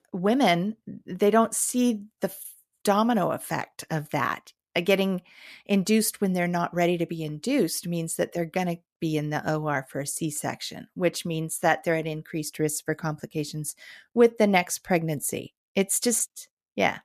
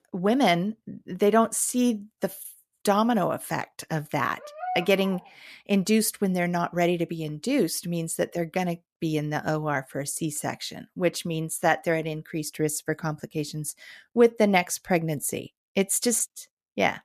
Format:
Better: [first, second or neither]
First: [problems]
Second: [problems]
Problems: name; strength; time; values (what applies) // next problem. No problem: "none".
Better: first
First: none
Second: dog barking; noticeable; at 4.5 s; peak 7 dB below the speech